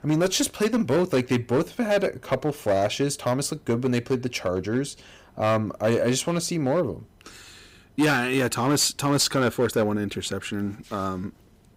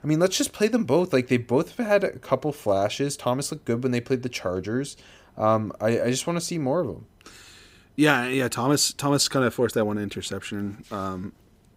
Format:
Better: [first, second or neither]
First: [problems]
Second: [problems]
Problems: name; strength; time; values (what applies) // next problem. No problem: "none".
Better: second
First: distortion; slight; 6% of the sound clipped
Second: none